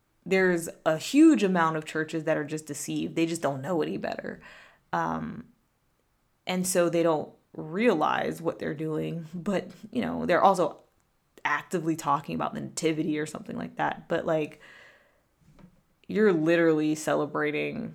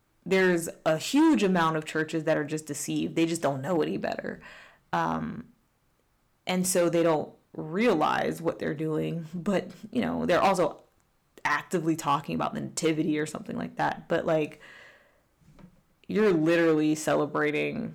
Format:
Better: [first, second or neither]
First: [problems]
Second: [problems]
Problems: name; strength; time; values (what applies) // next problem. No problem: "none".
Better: first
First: none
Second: distortion; slight; 3% of the sound clipped